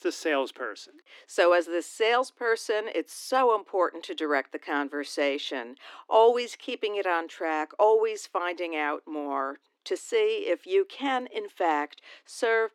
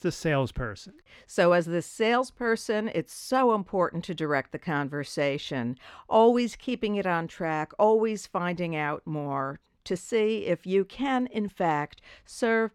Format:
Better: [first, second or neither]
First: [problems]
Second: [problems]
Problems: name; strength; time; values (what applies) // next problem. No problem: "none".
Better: second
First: thin; somewhat; fading below 300 Hz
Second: none